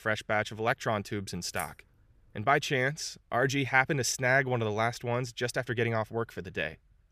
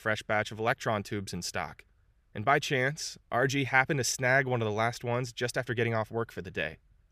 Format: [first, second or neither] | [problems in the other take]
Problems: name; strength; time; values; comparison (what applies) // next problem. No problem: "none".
second | jangling keys; faint; at 1.5 s; peak 15 dB below the speech